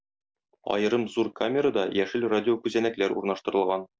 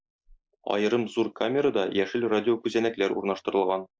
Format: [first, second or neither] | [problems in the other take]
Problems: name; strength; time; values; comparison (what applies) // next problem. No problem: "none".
first | noise reduction (neural mask model Resemble Enhance denoiser)